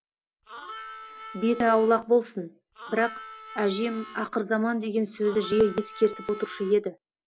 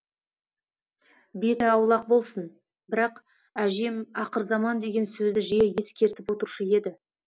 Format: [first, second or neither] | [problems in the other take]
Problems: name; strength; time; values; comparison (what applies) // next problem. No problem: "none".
second | background sound (Harmonica); 15 dB below the speech